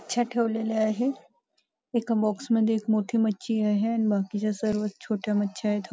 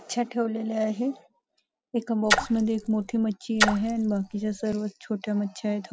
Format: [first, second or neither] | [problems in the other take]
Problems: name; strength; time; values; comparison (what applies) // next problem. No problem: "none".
first | background sound (Splash, splatter); 2 dB below the speech